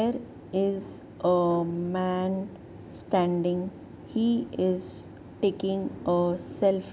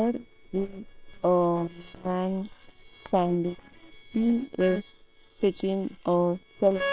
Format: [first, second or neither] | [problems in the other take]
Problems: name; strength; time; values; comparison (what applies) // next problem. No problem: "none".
first | noise reduction (neural separator model SepFormer WHAM!)